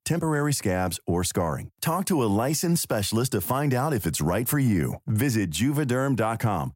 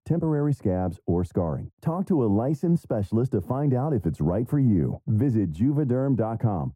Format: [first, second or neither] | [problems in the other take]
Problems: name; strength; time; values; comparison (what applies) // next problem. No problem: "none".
first | muffled; very; fading above 1.5 kHz